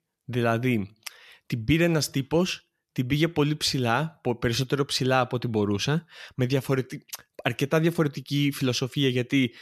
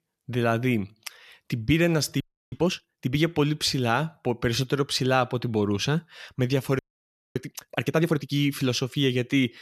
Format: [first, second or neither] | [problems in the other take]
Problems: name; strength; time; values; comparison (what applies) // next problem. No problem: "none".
first | audio freezing; at 2 s and at 7 s for 0.5 s